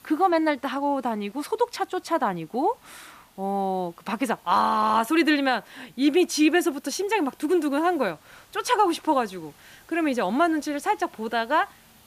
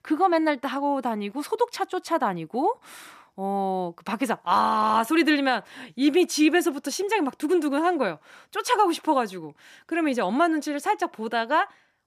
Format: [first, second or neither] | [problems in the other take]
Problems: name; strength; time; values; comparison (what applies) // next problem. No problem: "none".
second | hiss; faint; throughout; 30 dB below the speech